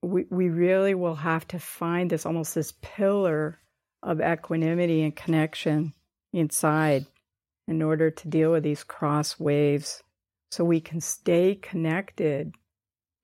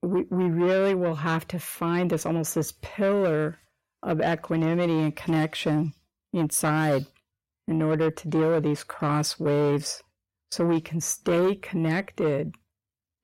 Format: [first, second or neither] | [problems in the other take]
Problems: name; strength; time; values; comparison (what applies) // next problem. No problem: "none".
first | distortion; slight; 10 dB below the speech